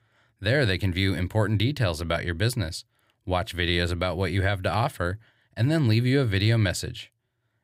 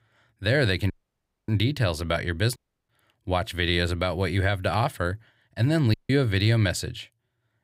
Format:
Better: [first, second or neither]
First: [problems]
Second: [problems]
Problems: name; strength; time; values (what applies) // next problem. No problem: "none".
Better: first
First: none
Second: audio cutting out; at 1 s for 0.5 s, at 2.5 s and at 6 s